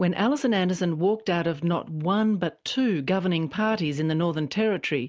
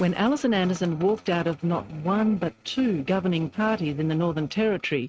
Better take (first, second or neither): first